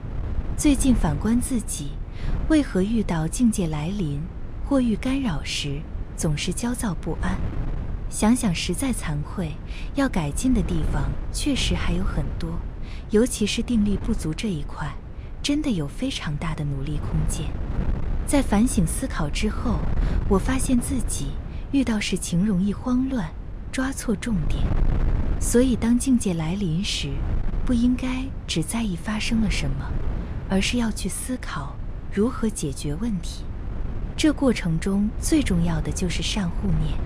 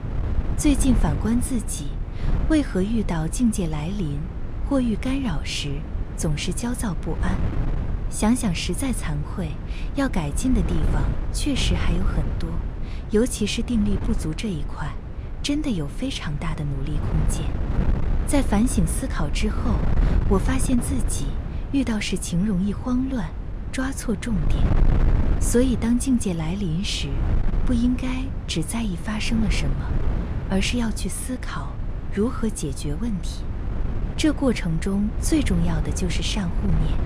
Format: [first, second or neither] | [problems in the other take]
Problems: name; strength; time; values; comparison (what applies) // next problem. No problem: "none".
first | wind noise on the microphone; heavy; 10 dB below the speech; occasional gusts in the first